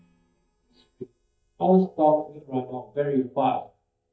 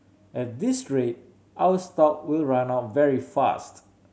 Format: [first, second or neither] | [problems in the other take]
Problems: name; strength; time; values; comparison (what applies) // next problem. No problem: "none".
second | noise reduction (neural mask model DeepFilterNet 3)